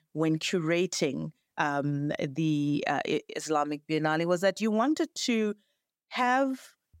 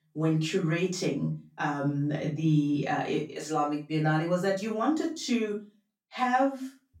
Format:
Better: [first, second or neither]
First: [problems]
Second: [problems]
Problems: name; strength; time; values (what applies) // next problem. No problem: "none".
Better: first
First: none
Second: off-mic speech; far // room echo; slight; dies away in 0.3 s